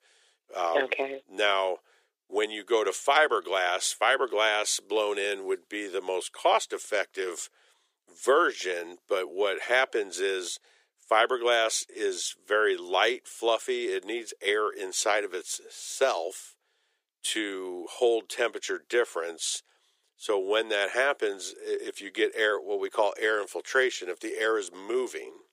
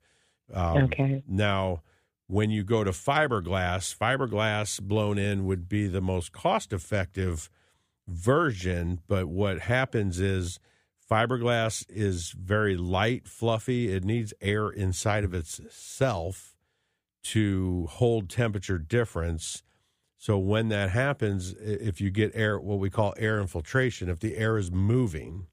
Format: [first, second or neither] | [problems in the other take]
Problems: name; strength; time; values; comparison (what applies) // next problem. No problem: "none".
second | thin; very; fading below 350 Hz